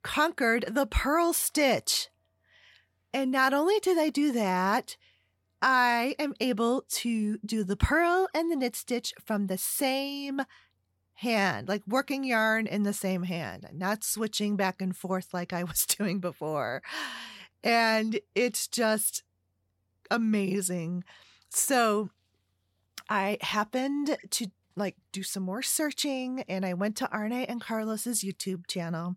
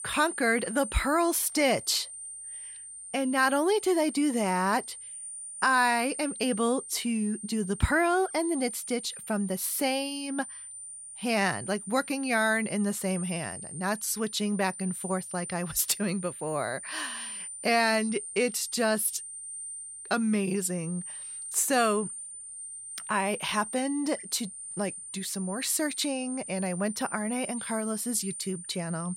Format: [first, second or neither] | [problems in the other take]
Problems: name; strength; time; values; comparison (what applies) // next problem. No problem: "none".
first | high-pitched whine; loud; throughout; 9 kHz, 10 dB below the speech